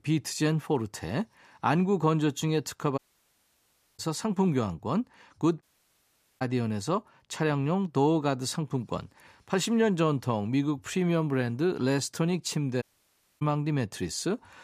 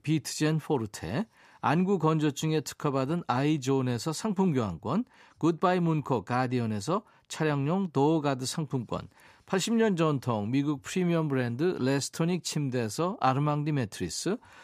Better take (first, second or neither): second